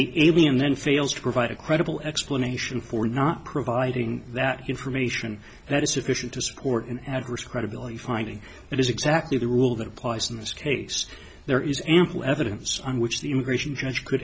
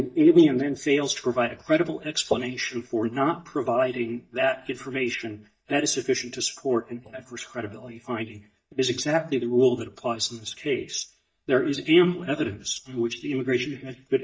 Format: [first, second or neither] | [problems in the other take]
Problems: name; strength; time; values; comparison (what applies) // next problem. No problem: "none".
first | noise reduction (neural mask model DeepFilterNet 3)